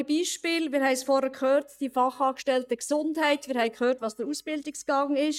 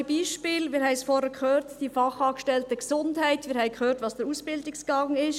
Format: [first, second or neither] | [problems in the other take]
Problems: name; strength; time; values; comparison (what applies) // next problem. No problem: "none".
second | noise reduction (neural mask model DeepFilterNet 3)